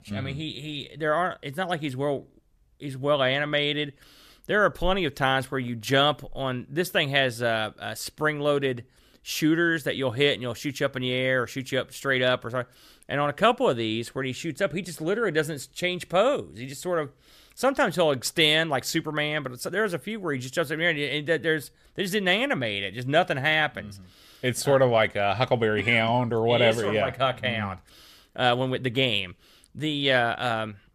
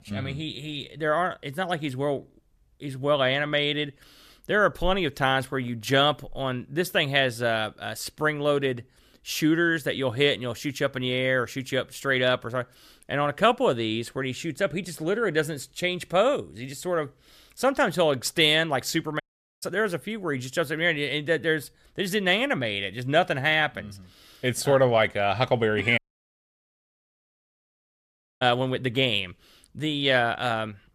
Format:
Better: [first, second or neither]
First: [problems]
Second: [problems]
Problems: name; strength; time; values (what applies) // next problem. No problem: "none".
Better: first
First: none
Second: audio cutting out; at 19 s and at 26 s for 2.5 s